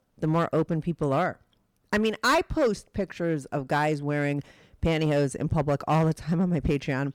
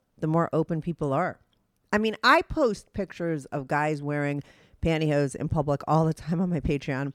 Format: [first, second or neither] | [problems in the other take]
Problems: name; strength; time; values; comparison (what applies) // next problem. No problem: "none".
second | distortion; slight; 5% of the sound clipped